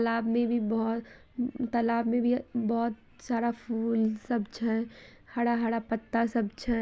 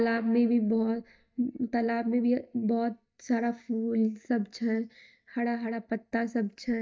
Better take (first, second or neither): first